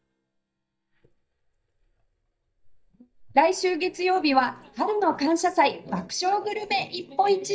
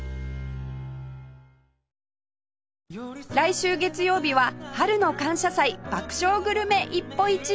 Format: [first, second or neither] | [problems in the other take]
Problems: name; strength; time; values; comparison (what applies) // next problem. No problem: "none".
second | noise reduction (neural mask model DeepFilterNet 3)